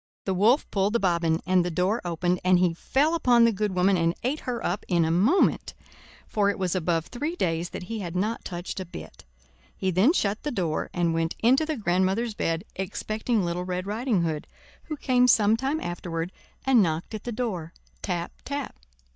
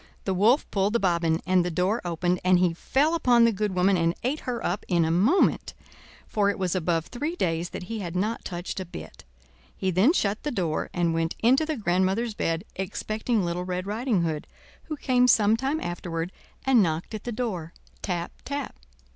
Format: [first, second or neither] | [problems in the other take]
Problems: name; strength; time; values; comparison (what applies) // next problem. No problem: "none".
second | noise reduction (neural mask model DeepFilterNet 3)